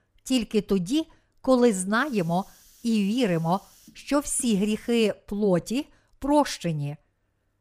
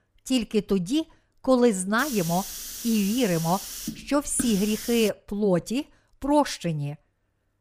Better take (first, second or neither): first